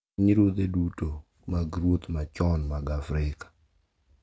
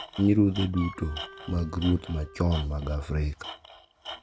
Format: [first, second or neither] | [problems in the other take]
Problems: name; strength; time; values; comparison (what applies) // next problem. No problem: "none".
first | background sound (Wind instrument, woodwind instrument + Tools); 15 dB below the speech